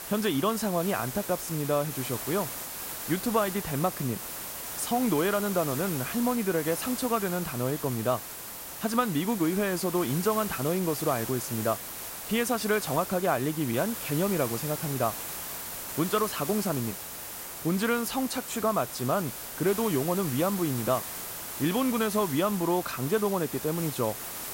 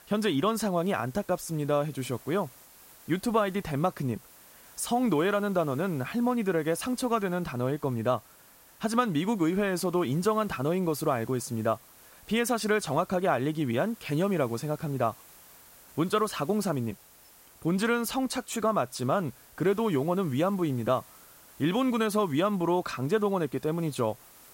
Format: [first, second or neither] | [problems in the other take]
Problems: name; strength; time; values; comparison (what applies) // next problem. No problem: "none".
second | hiss; loud; throughout; 6 dB below the speech; faint in the second